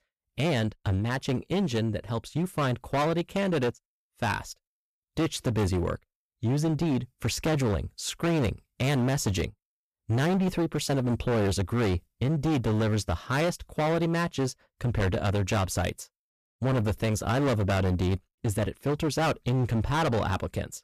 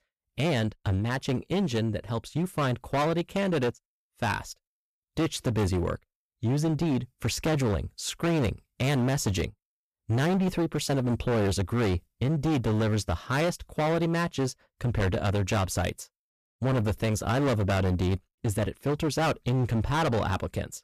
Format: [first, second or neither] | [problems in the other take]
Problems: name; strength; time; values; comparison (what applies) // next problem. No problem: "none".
neither | distortion; heavy; 19% of the sound clipped; the same in both